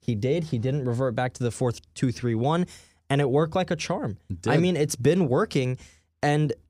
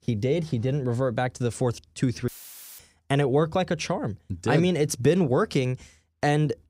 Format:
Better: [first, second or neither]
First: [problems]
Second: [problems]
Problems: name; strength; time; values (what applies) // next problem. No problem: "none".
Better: first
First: none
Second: audio cutting out; filled with static; at 2.5 s for 0.5 s